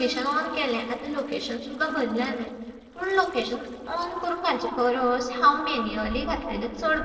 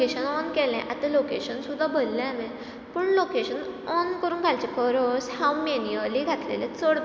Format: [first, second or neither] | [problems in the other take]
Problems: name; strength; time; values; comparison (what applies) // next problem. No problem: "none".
second | noise reduction (neural separator model SepFormer DNS4)